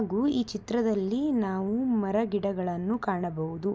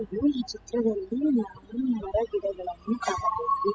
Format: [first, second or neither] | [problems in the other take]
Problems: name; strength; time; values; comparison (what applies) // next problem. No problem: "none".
first | noise reduction (classical method spectral subtraction)